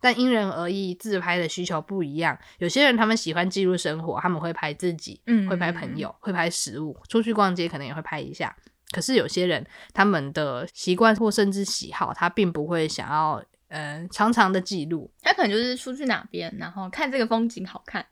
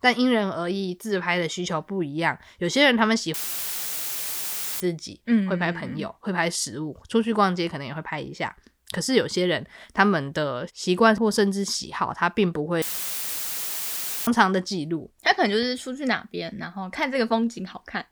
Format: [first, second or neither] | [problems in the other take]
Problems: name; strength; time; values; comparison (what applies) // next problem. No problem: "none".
first | audio cutting out; filled with static; at 3.5 s for 1.5 s and at 13 s for 1.5 s